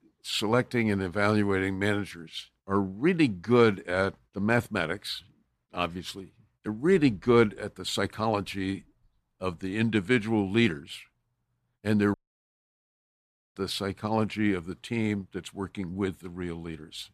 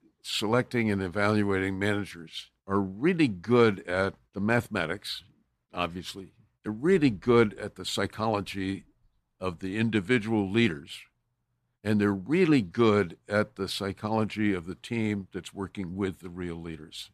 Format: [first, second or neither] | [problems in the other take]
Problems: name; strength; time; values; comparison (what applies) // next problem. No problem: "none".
second | audio cutting out; at 12 s for 1.5 s